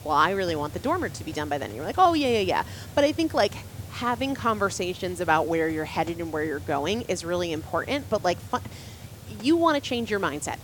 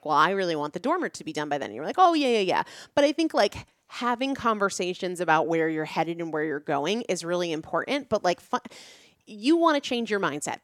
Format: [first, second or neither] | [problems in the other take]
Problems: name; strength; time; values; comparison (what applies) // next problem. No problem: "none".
second | hiss; noticeable; throughout; 15 dB below the speech